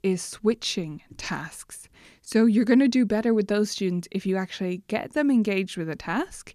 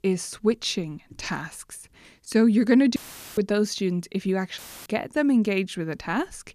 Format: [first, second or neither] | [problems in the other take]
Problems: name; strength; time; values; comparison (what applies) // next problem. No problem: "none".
first | audio cutting out; filled with static; at 3 s and at 4.5 s